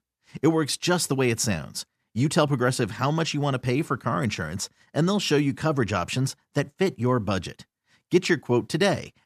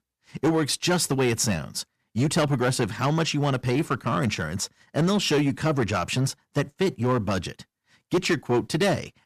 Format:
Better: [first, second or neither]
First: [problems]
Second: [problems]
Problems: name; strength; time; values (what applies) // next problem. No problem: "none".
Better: first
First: none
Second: distortion; slight; 7% of the sound clipped